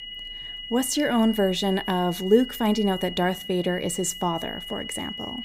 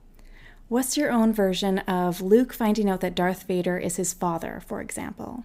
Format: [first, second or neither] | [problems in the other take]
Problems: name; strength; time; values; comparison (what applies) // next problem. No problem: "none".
second | high-pitched whine; loud; throughout; 3 kHz, 10 dB below the speech